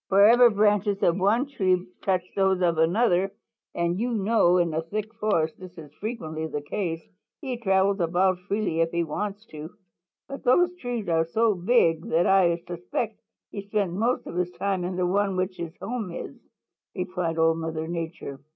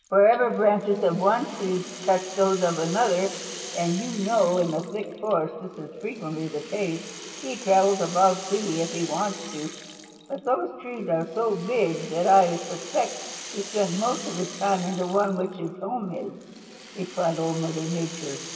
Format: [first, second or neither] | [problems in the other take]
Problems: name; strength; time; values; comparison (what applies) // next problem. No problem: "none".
first | background sound (Rattle (instrument)); 15 dB below the speech // room echo; dies away in 2.4 s